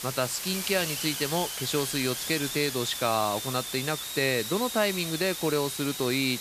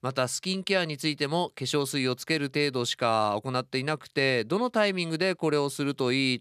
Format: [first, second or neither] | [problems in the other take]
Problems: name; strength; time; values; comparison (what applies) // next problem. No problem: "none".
second | hiss; loud; throughout; 4 dB below the speech